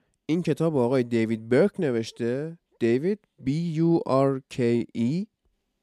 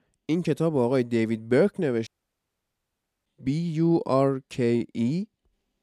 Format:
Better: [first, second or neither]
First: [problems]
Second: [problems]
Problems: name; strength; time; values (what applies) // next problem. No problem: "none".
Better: first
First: none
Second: audio cutting out; at 2 s for 1 s